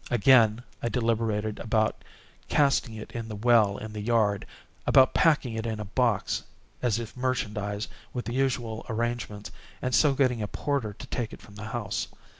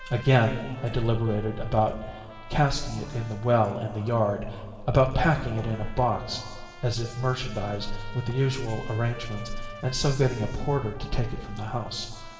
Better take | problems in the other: first | background sound (Trumpet); 20 dB below the speech // room echo; dies away in 1.7 s

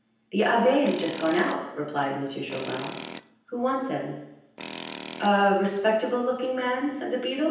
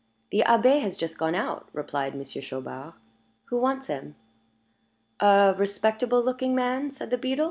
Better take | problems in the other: second | background sound (Tools); 14 dB below the speech // room echo; dies away in 0.9 s

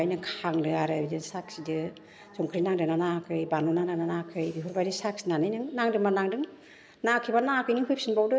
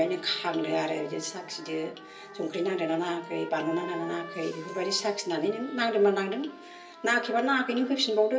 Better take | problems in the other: first | background sound (Trumpet); 17 dB below the speech // room echo; dies away in 0.3 s

